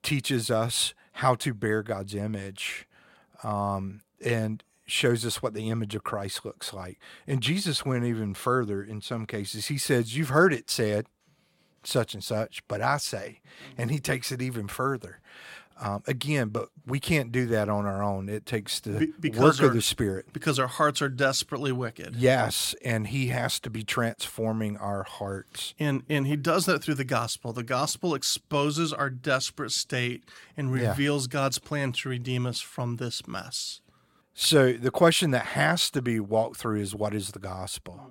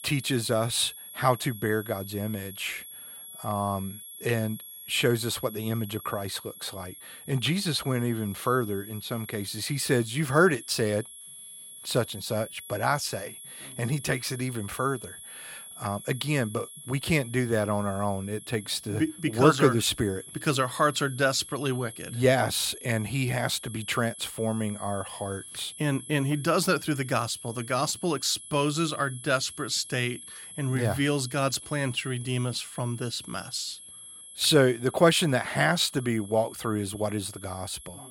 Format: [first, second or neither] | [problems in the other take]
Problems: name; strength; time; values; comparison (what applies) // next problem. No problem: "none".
first | high-pitched whine; noticeable; throughout; 11 kHz, 15 dB below the speech